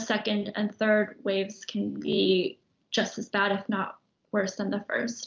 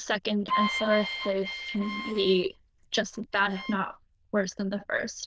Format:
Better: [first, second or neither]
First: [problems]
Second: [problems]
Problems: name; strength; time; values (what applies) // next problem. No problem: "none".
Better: first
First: none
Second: noise reduction (neural diffusion model UNIVERSE++)